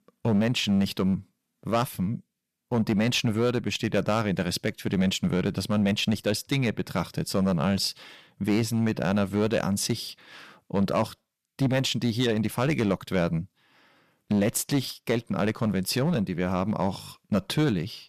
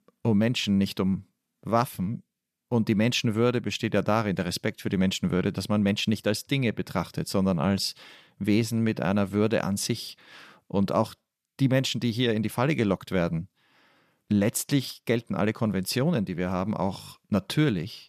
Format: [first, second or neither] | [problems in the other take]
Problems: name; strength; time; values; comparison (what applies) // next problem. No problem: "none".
second | distortion; slight; 6% of the sound clipped